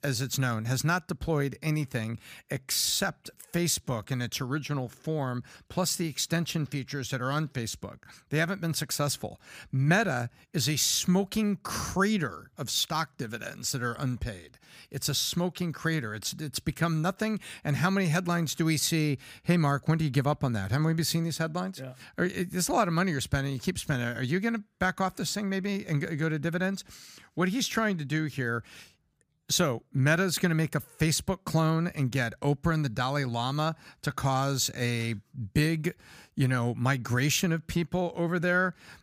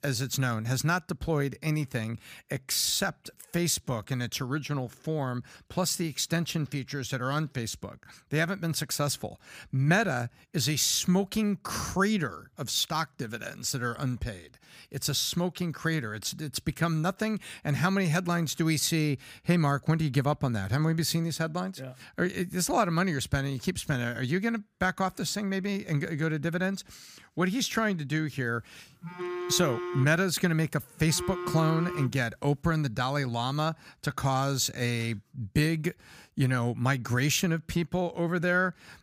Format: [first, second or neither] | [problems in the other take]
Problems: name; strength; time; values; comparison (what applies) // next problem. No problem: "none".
first | phone ringing; noticeable; from 29 to 32 s; peak 5 dB below the speech